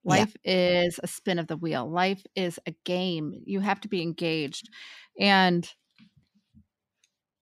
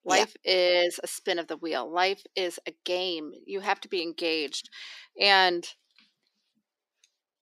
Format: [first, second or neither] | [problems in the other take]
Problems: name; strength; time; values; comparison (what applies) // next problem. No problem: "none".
first | thin; very; fading below 350 Hz